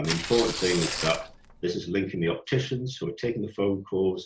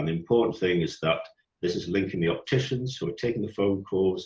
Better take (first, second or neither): second